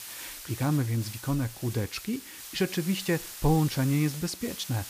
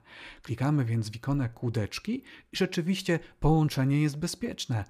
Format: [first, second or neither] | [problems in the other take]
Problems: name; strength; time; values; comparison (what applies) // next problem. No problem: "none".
second | hiss; noticeable; throughout; 10 dB below the speech